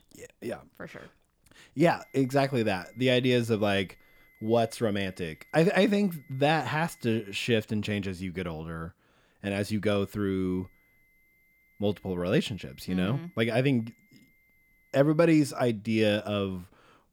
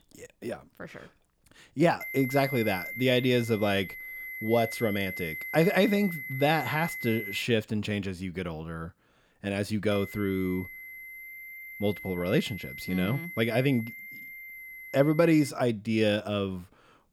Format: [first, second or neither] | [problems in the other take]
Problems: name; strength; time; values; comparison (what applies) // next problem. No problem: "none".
first | high-pitched whine; loud; from 2 to 7.5 s and from 10 to 15 s; 2 kHz, 10 dB below the speech; faint in the first